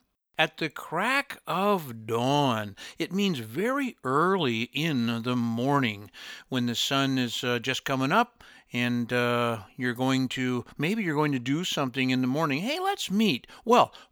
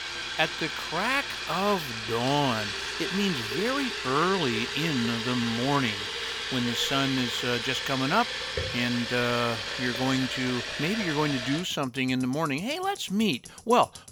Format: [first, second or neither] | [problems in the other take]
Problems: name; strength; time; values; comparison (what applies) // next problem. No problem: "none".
first | household noises; loud; throughout; 3 dB below the speech